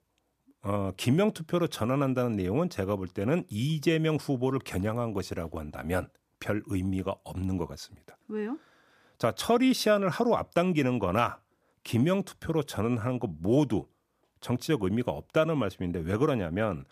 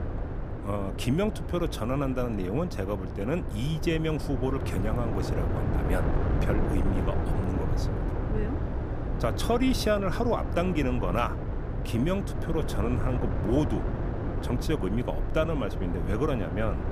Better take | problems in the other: first | wind noise on the microphone; heavy; 6 dB below the speech

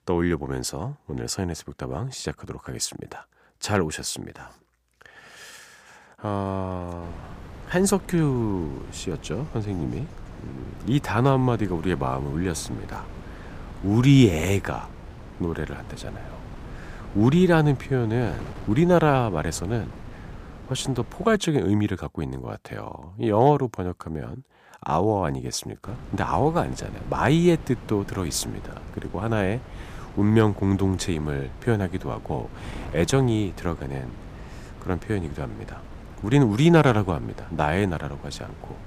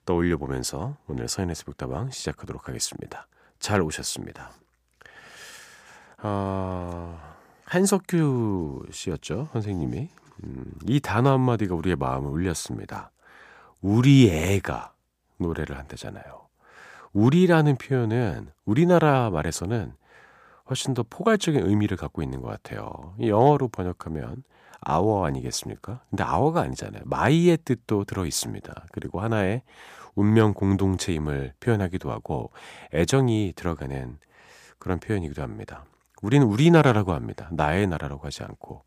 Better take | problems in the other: second | wind noise on the microphone; occasional gusts; from 7 to 21 s and from 26 s on; 20 dB below the speech

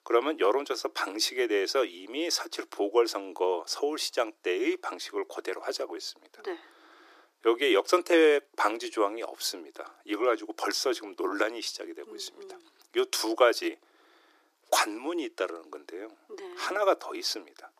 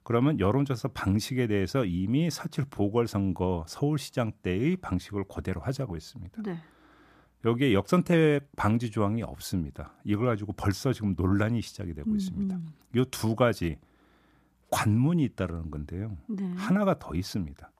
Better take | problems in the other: second | thin; very; fading below 350 Hz

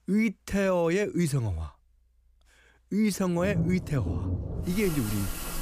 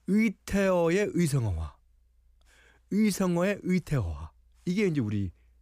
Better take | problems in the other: second | rain or running water; very faint; from 3.5 s on; 5 dB below the speech

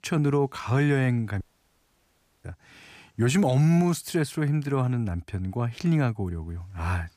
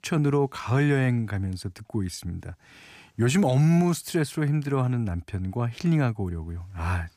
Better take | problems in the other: second | audio cutting out; at 1.5 s for 1 s

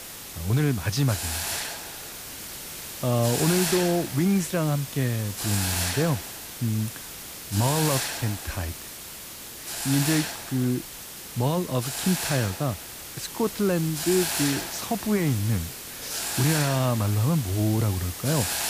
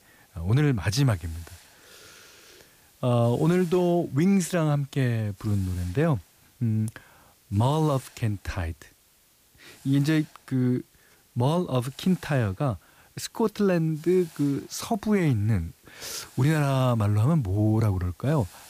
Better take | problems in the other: second | hiss; loud; throughout; 4 dB below the speech; faint in the second

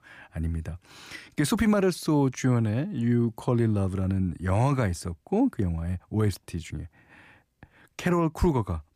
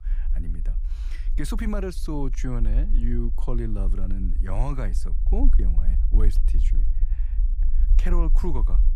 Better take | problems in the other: first | low rumble; noticeable; throughout; 15 dB below the speech

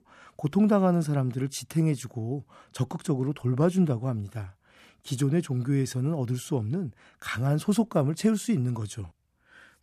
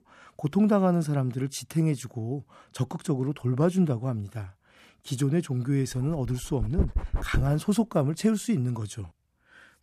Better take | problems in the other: first | dog barking; noticeable; from 6.5 to 7.5 s; peak 2 dB below the speech

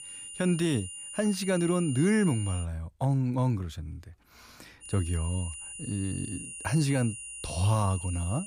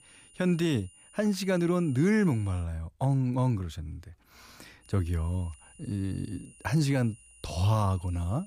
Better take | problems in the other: second | high-pitched whine; loud; until 2.5 s and from 5 s on; 9.5 kHz, 10 dB below the speech; faint in the second

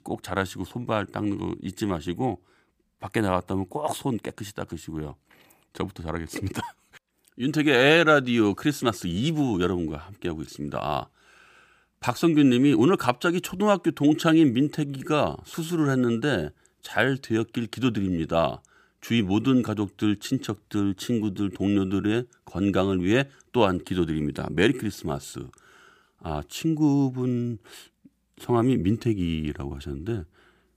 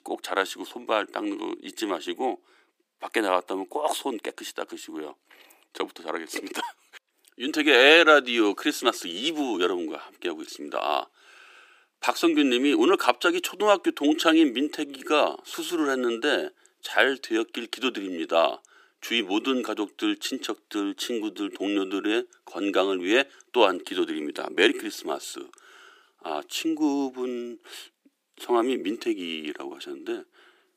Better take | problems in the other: first | thin; somewhat; fading below 300 Hz

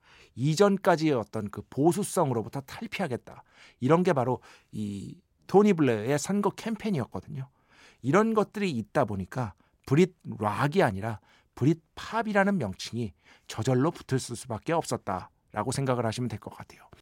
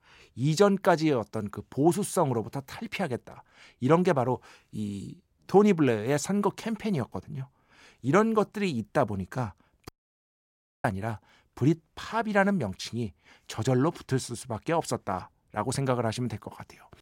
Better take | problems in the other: first | audio cutting out; at 10 s for 1 s

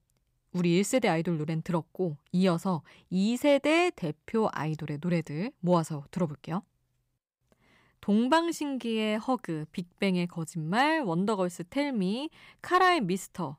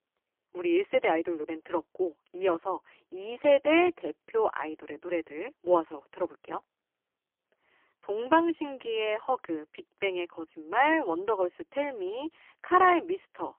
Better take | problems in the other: first | phone-call audio; poor line; nothing above 3 kHz

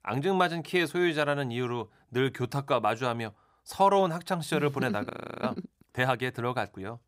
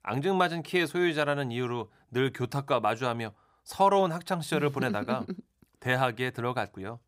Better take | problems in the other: second | audio freezing; at 5 s

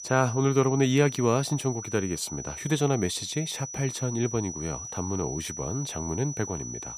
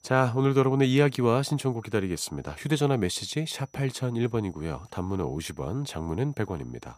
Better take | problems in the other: second | high-pitched whine; loud; throughout; 6 kHz, 9 dB below the speech; faint in the second

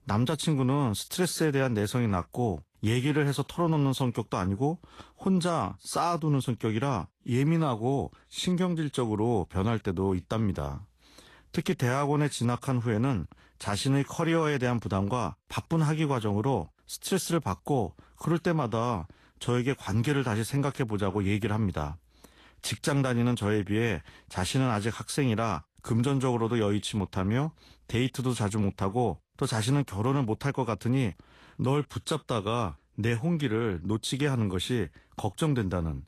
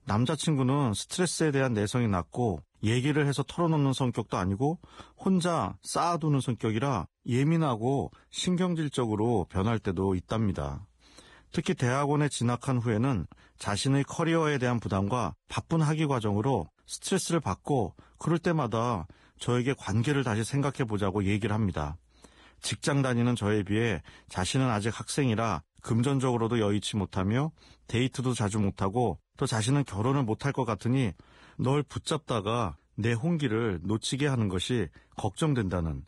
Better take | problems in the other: first | garbled, watery; badly; nothing above 10.5 kHz; slightly in the first

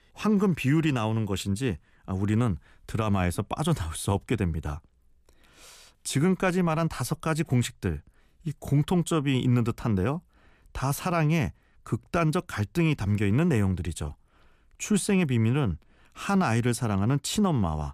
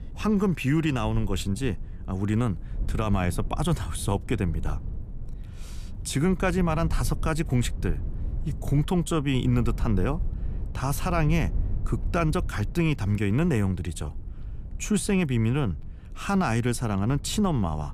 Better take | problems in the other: first | low rumble; faint; throughout; 20 dB below the speech

